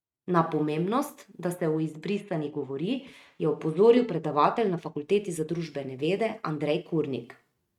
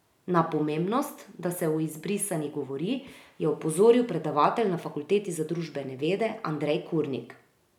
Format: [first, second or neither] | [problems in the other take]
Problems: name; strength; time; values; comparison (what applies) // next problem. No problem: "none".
second | noise reduction (neural mask model RNNoise)